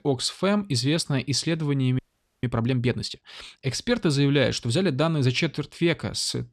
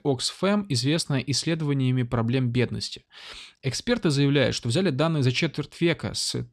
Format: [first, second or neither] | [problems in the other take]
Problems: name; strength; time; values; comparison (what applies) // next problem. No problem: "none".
second | audio freezing; at 2 s